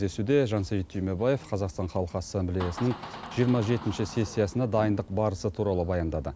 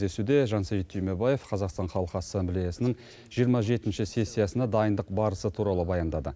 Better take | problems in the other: second | background sound (Door); 17 dB below the speech

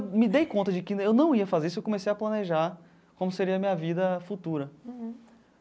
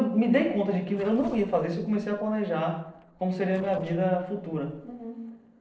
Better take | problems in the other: first | noise reduction (neural separator model SepFormer DNS4)

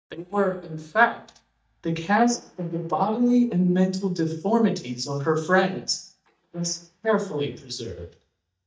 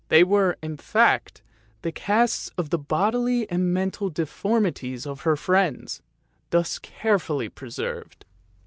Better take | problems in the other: second | noise reduction (neural mask model DeepFilterNet 3)

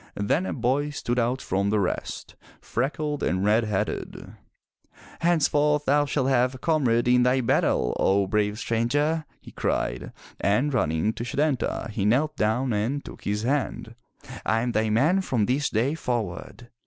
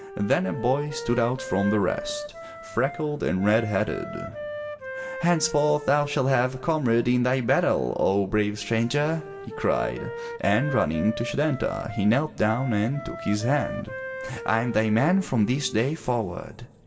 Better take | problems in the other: first | background sound (Wind instrument, woodwind instrument); 12 dB below the speech // room echo; dies away in 1.1 s

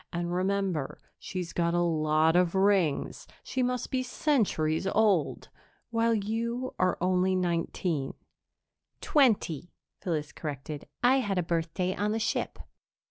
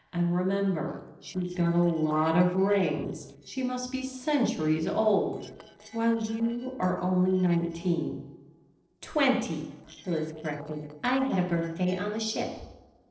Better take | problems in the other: first | noise reduction (neural separator model SepFormer DNS4)

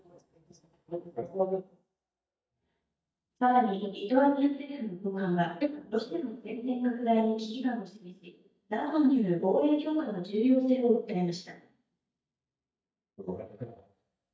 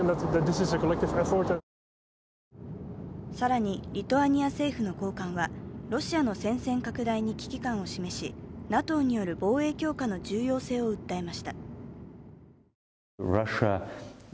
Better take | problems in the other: second | noise reduction (neural mask model DeepFilterNet 3)

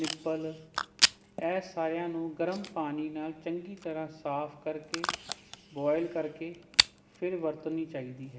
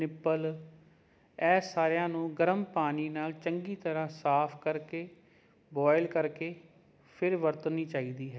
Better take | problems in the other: second | background sound (Packing tape, duct tape / Tearing); 1 dB below the speech // room echo; dies away in 2.6 s

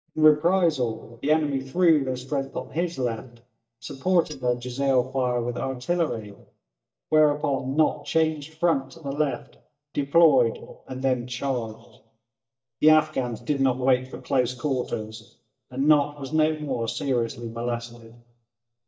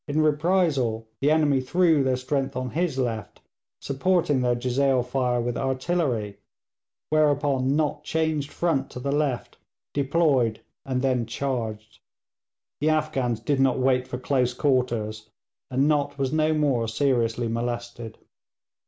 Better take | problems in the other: second | noise reduction (neural mask model DeepFilterNet 3)

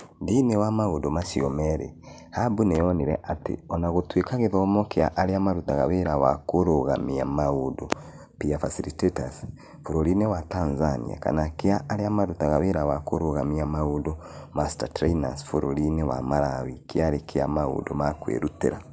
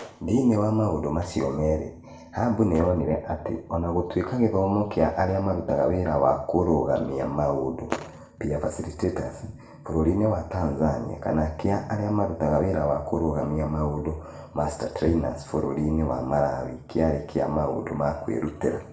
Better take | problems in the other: first | room echo; dies away in 0.6 s

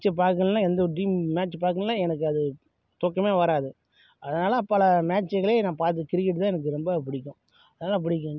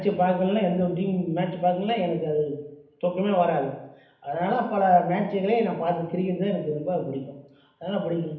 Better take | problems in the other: first | room echo; dies away in 0.8 s

